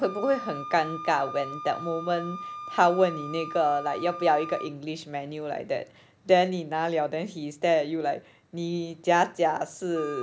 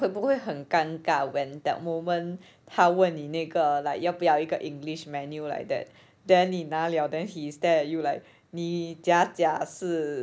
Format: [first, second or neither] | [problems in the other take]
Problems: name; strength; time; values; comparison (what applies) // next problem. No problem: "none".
second | background sound (Wind instrument, woodwind instrument); 14 dB below the speech